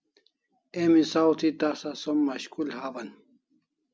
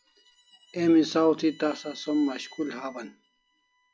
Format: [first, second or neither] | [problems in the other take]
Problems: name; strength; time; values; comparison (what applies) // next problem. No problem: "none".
first | noise reduction (classical method log-MMSE)